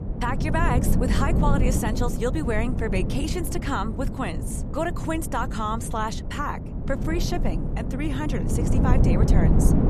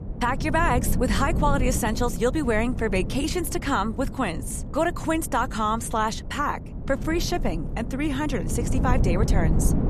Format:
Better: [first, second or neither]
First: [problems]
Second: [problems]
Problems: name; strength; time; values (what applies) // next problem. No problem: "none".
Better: second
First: wind noise on the microphone; heavy; 5 dB below the speech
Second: wind noise on the microphone; occasional gusts; 10 dB below the speech